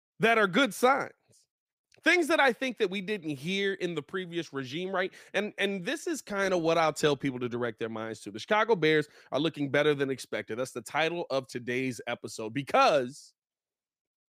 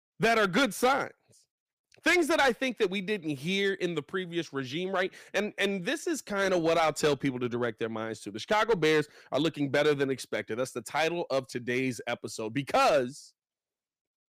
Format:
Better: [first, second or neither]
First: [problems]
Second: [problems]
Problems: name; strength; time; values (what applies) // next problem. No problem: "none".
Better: first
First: none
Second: distortion; slight; 3% of the sound clipped